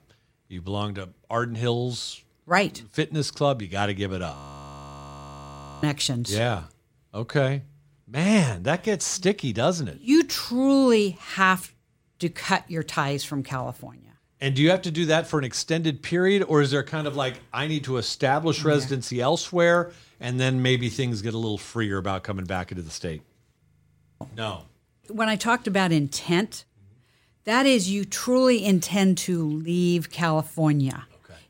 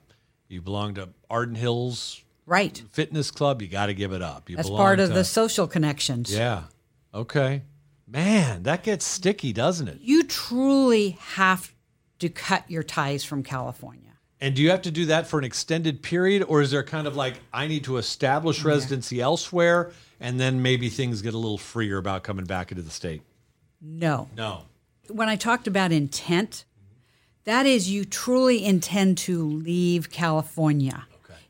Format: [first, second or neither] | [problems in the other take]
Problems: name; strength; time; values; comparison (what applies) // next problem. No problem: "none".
second | audio freezing; at 4.5 s for 1.5 s and at 24 s for 0.5 s